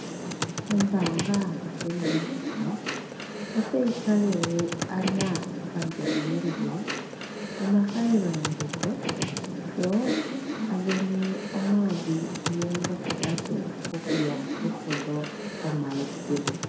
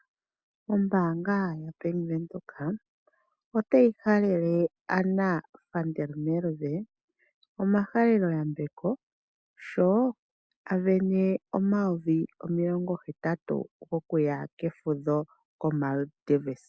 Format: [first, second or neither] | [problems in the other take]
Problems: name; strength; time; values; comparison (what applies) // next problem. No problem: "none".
second | background sound (Computer keyboard); 3 dB below the speech // room echo; dies away in 0.6 s